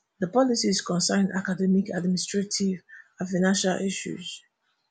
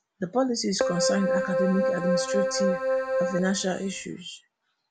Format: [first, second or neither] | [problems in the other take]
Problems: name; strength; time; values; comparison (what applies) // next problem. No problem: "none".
first | background sound (Keyboard (musical)); 2 dB above the speech